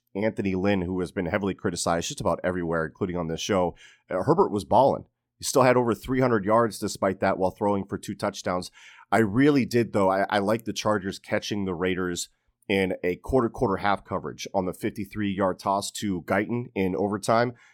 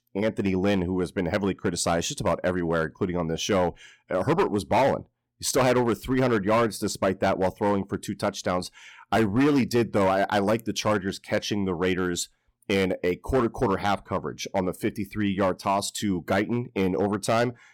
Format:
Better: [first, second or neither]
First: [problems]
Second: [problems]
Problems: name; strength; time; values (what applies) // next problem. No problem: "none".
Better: first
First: none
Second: distortion; slight; 6% of the sound clipped